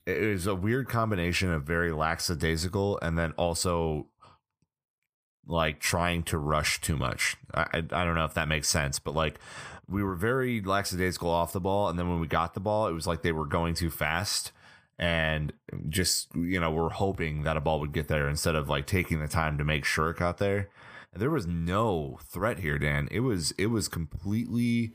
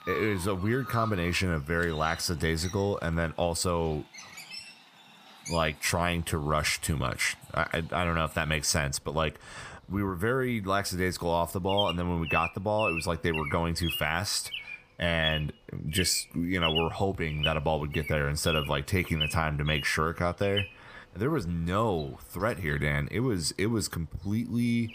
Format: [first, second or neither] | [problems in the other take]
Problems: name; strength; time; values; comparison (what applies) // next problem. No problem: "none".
first | animal sounds; loud; throughout; 7 dB below the speech